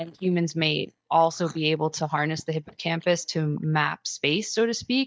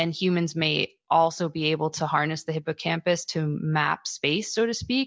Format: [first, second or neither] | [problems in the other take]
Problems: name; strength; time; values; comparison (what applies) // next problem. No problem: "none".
second | noise reduction (neural mask model DeepFilterNet 3)